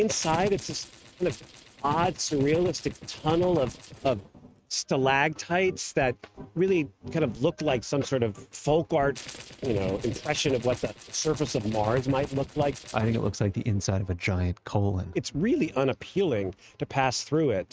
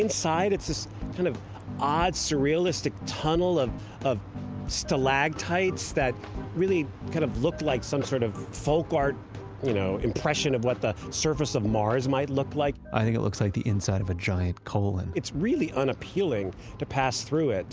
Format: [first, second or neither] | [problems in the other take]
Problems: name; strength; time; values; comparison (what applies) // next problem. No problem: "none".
second | noise reduction (neural mask model RNNoise)